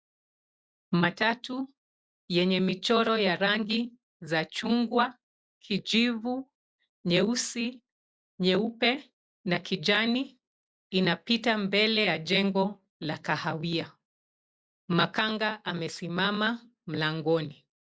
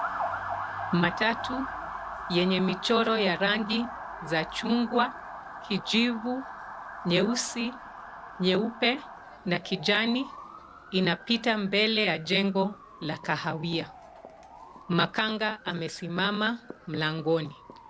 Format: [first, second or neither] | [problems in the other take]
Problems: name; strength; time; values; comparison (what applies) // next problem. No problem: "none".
first | background sound (Motor vehicle (road) / Siren); 11 dB below the speech